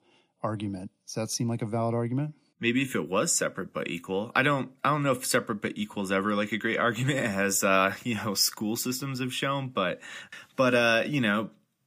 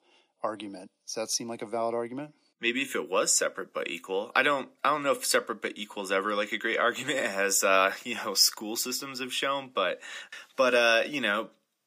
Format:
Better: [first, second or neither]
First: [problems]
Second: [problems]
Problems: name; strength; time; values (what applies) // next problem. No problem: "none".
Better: first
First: none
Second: thin; somewhat; fading below 450 Hz